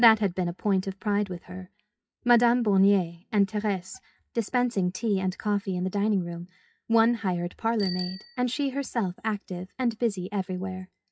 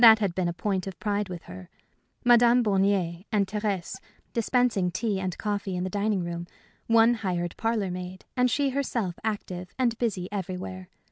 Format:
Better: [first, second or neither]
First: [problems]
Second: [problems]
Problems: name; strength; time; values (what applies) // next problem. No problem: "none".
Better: second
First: noise reduction (classical method WPE with log-MMSE)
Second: none